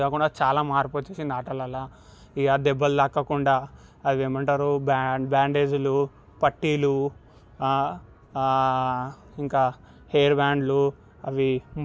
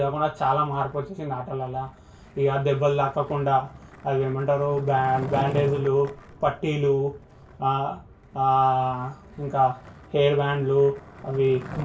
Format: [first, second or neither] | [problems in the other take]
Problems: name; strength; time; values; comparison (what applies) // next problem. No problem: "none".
first | background sound (Skateboard); 16 dB below the speech // room echo; dies away in 0.2 s